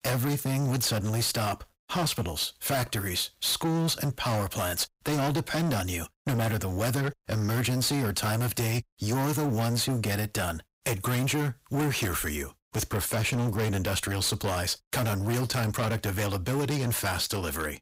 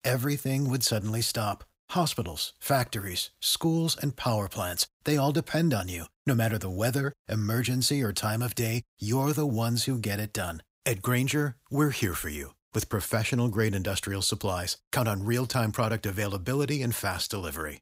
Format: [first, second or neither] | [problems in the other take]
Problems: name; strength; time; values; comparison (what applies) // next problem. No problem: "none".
second | distortion; heavy; 24% of the sound clipped